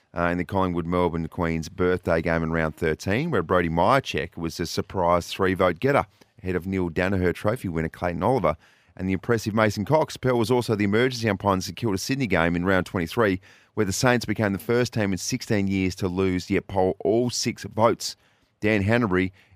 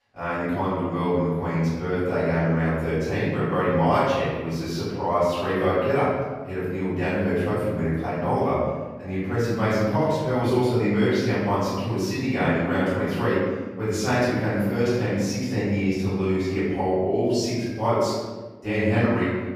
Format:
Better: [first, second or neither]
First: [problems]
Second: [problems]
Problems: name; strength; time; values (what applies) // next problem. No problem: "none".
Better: first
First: none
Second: off-mic speech; far // room echo; strong; dies away in 1.3 s